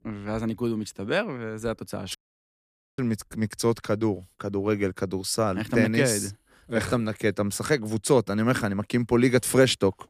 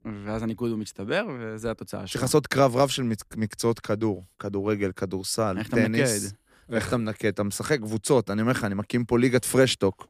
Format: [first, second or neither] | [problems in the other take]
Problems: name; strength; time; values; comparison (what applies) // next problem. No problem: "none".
second | audio cutting out; at 2 s for 1 s